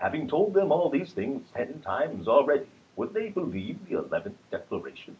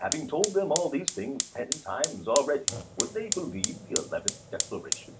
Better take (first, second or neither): first